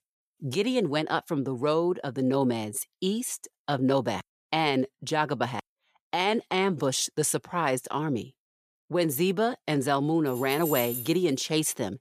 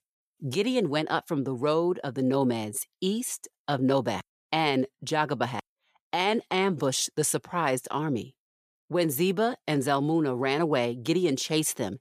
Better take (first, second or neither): second